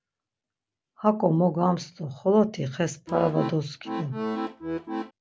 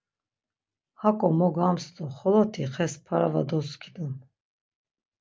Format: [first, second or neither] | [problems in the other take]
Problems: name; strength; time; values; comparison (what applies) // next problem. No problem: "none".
second | background sound (Accordion); 5 dB below the speech